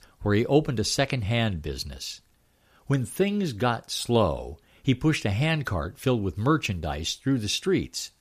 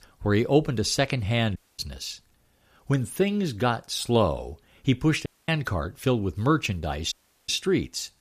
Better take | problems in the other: first | audio cutting out; at 1.5 s, at 5.5 s and at 7 s

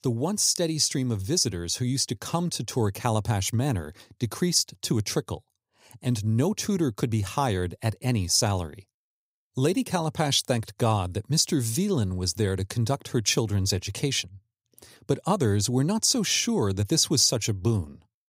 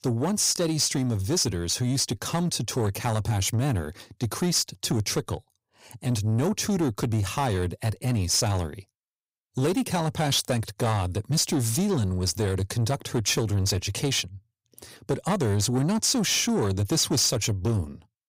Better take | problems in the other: first | distortion; slight; 10 dB below the speech

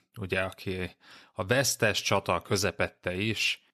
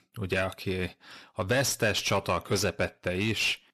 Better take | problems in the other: first | distortion; slight; 10 dB below the speech

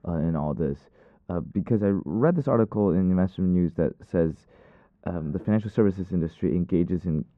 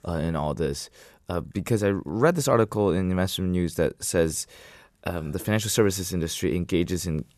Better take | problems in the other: second | muffled; very; fading above 1 kHz

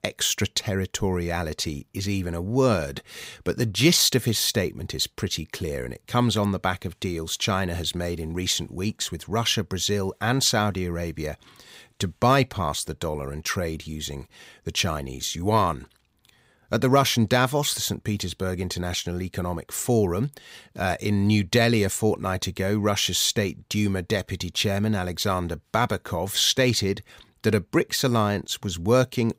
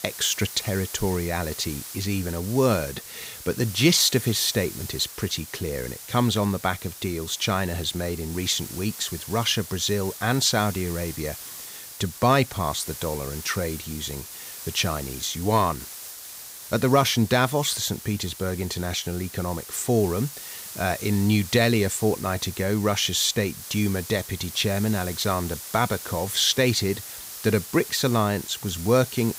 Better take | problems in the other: first | hiss; noticeable; throughout; 10 dB below the speech

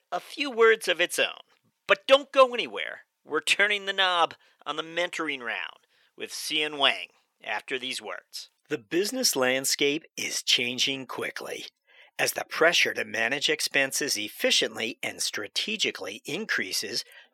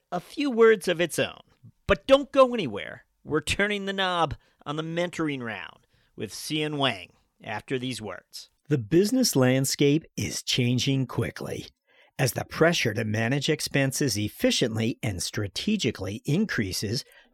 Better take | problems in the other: second | thin; somewhat; fading below 500 Hz

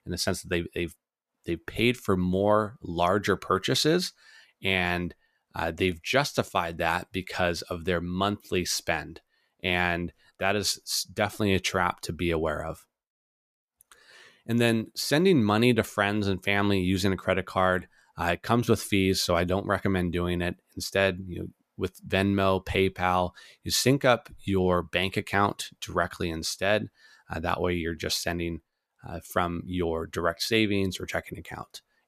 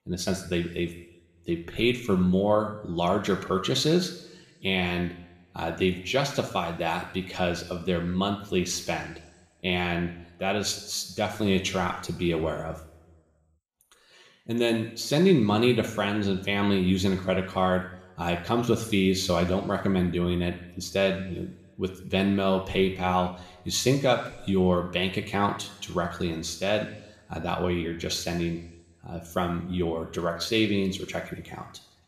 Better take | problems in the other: first | room echo; slight; dies away in 0.9 s

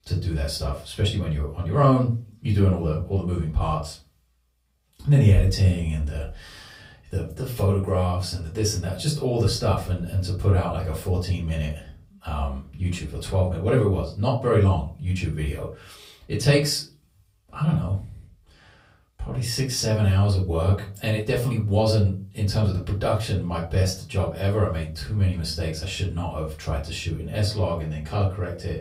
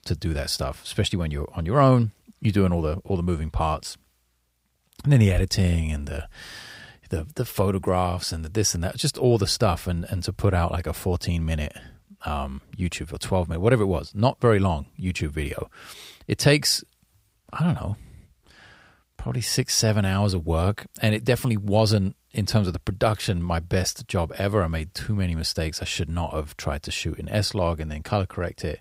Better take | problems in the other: second | off-mic speech; far // room echo; slight; dies away in 0.3 s

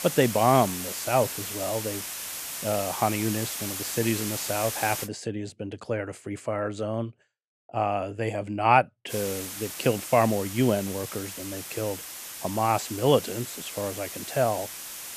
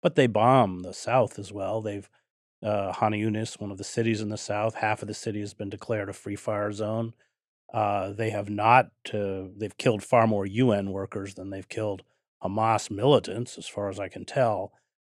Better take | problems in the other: second | hiss; loud; until 5 s and from 9 s on; 6 dB below the speech

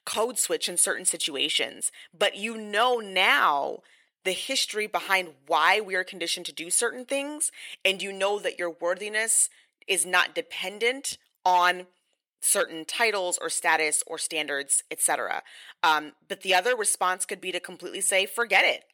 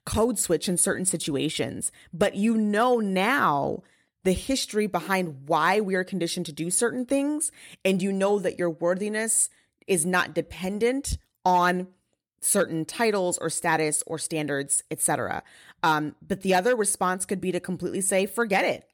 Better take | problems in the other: second | thin; somewhat; fading below 550 Hz

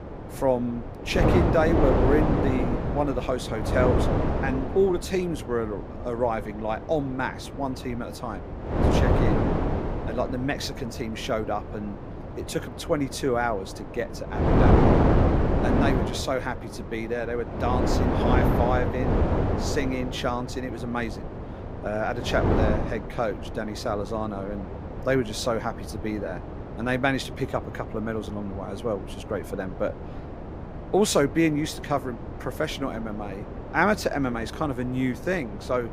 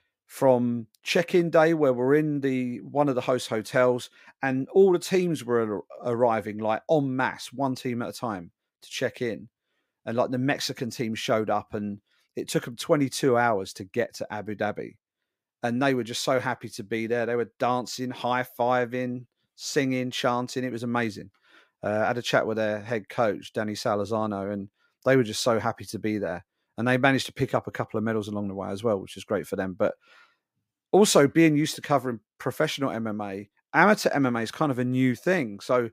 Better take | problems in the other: second | wind noise on the microphone; heavy; 3 dB below the speech

